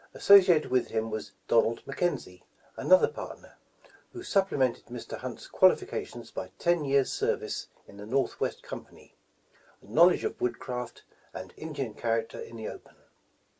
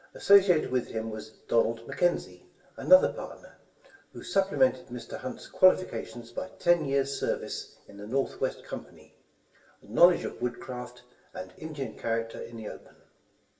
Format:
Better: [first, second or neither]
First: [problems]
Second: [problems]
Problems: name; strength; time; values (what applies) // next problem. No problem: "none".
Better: first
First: none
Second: room echo; dies away in 0.7 s